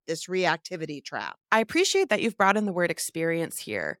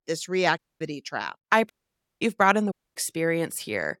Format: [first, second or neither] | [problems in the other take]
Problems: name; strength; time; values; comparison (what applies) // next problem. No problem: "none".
first | audio cutting out; at 0.5 s, at 1.5 s for 0.5 s and at 2.5 s